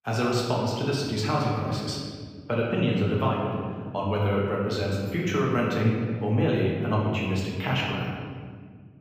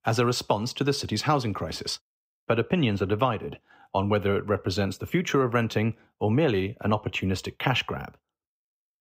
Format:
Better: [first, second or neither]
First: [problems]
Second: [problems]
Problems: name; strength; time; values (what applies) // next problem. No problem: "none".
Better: second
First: room echo; noticeable; dies away in 1.9 s // off-mic speech; far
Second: none